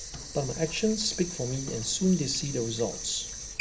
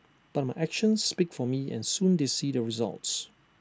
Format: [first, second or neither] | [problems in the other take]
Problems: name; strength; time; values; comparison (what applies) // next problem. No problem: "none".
second | background sound (Sink (filling or washing) / Water); 6 dB below the speech // room echo; dies away in 0.5 s